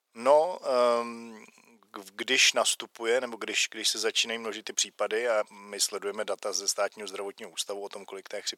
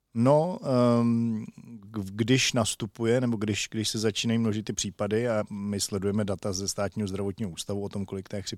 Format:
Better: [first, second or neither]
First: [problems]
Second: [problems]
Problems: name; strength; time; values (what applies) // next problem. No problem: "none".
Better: second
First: thin; very; fading below 500 Hz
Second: none